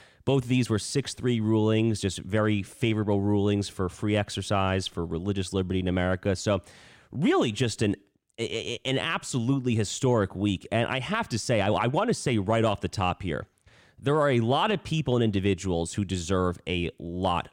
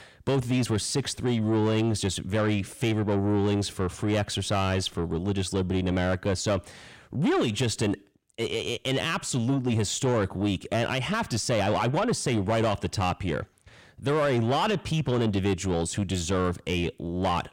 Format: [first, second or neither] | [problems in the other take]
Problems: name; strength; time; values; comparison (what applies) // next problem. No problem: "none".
first | distortion; slight; 10 dB below the speech